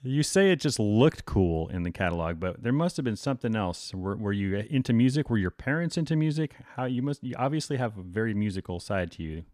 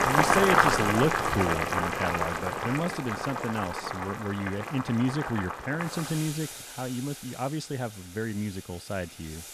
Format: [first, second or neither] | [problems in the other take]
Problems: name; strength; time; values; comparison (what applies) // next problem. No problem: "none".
first | household noises; very loud; throughout; 3 dB above the speech